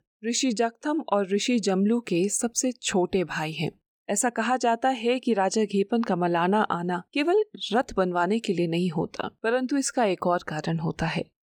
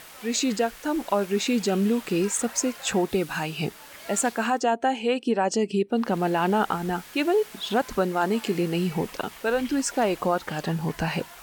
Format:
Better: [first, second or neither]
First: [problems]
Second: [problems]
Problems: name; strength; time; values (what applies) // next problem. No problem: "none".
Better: first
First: none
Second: hiss; noticeable; until 4.5 s and from 6 s on; 15 dB below the speech